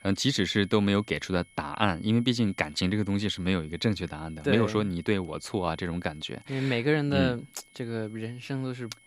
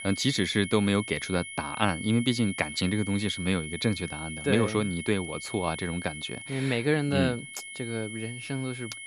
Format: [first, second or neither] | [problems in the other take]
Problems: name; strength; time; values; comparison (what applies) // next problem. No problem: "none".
first | high-pitched whine; loud; throughout; 2 kHz, 9 dB below the speech; faint in the first